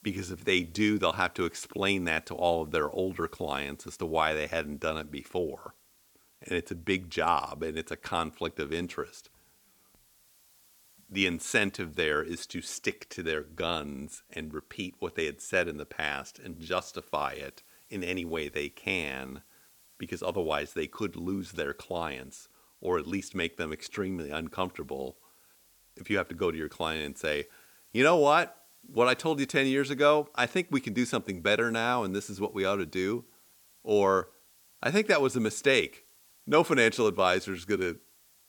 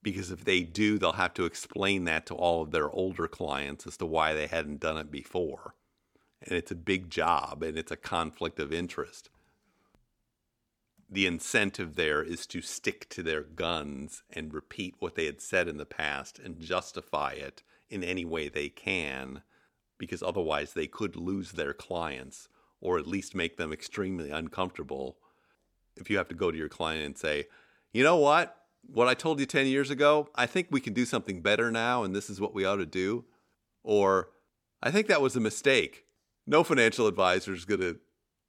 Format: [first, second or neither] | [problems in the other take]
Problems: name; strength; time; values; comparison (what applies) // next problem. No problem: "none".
second | hiss; faint; throughout; 30 dB below the speech